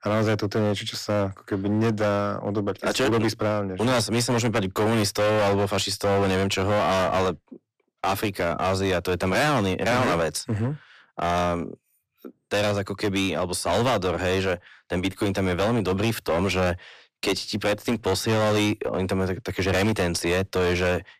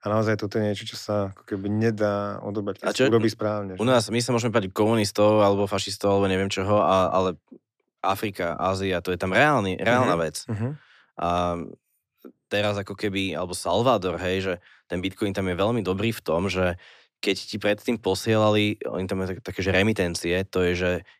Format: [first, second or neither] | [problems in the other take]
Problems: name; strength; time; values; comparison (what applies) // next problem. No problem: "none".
second | distortion; heavy; 20% of the sound clipped